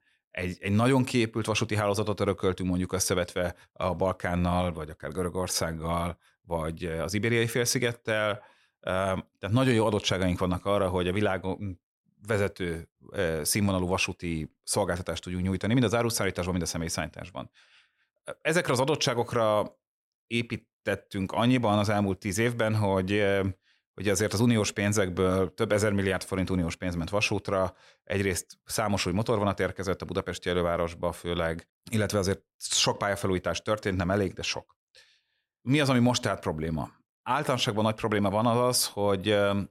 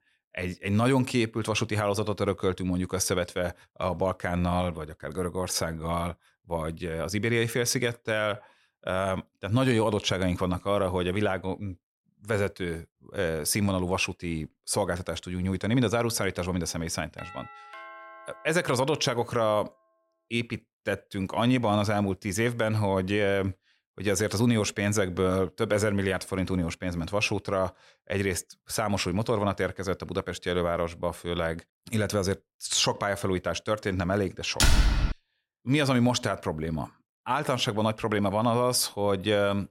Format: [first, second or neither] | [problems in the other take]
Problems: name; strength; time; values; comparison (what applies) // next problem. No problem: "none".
first | doorbell; faint; from 17 to 19 s; peak 15 dB below the speech // door banging; loud; at 35 s; peak 5 dB above the speech